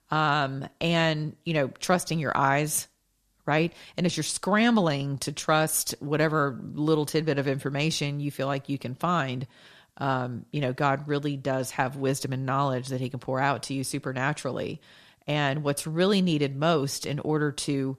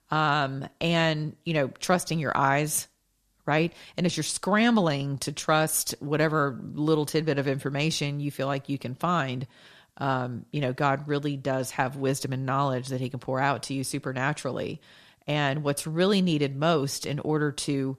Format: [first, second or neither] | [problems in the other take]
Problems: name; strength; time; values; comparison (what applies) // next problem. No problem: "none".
neither | none